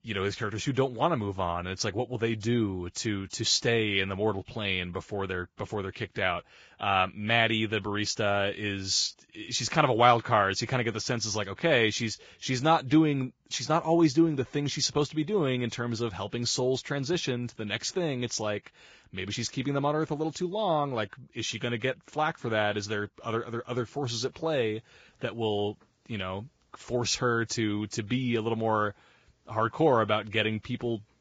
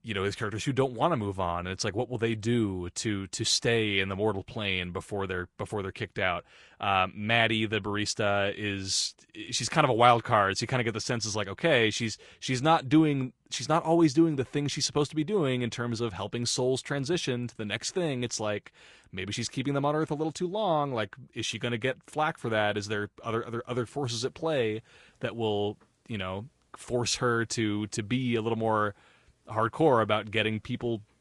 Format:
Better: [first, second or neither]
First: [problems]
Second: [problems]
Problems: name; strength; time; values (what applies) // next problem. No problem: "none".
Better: second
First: garbled, watery; badly; nothing above 7.5 kHz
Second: garbled, watery; slightly; nothing above 10.5 kHz